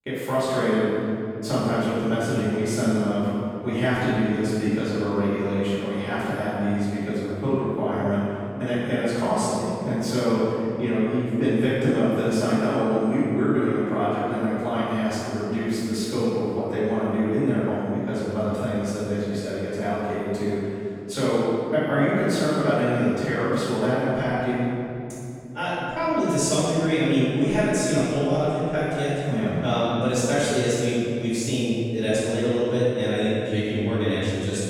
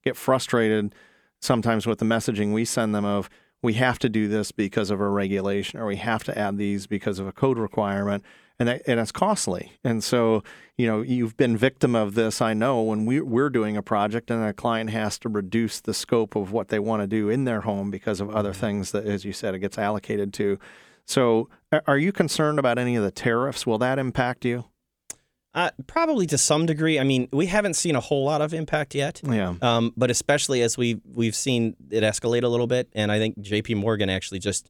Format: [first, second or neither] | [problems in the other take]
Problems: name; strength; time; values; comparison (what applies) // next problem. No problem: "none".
second | room echo; strong; dies away in 2.7 s // off-mic speech; far